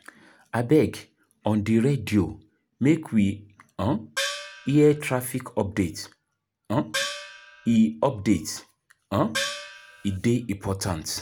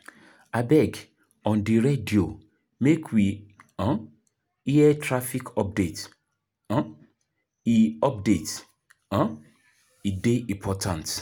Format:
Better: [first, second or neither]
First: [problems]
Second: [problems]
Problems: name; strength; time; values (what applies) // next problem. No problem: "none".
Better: second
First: background sound (Gong); 7 dB below the speech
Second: none